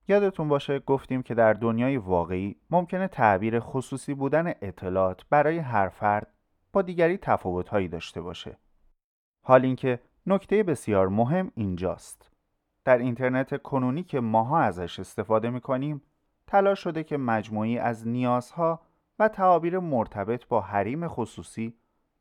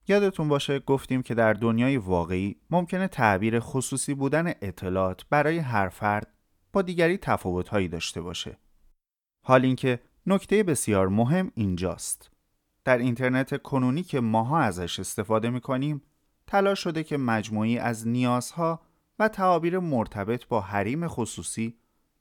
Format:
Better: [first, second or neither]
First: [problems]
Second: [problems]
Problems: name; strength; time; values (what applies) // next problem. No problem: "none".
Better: second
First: muffled; slightly; fading above 3.5 kHz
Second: none